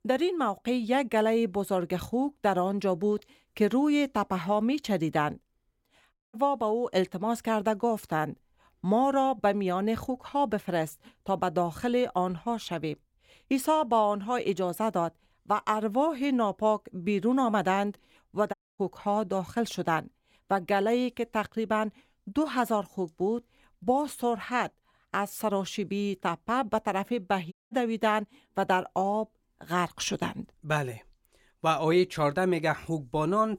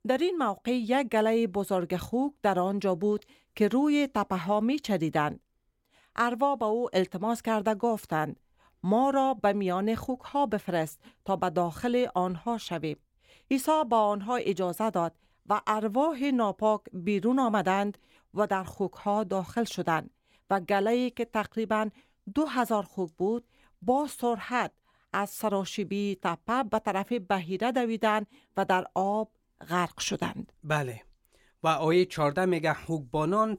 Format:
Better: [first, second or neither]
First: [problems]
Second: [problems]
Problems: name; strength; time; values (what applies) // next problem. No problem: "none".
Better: second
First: audio cutting out; at 6 s, at 19 s and at 28 s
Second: none